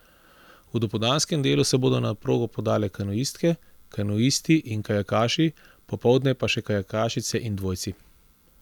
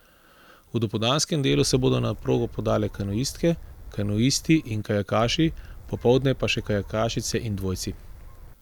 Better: first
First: none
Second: background sound (Gull, seagull / Wind); 15 dB below the speech

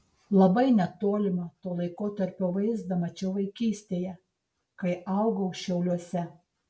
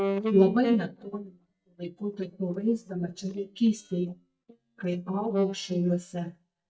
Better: first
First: none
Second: noise reduction (neural mask model DeepFilterNet 3)

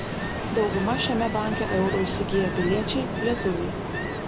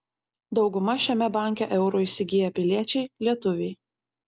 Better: second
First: background sound (Ocean); 1 dB below the speech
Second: none

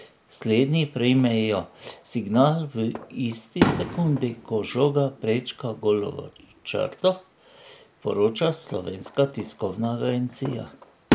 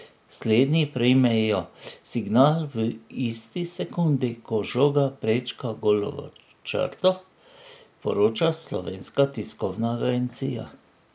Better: second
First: background sound (Fireworks); 9 dB below the speech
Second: none

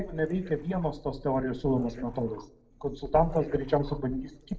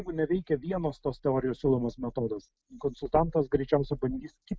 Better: second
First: noise reduction (neural separator model SepFormer DNS4)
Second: none

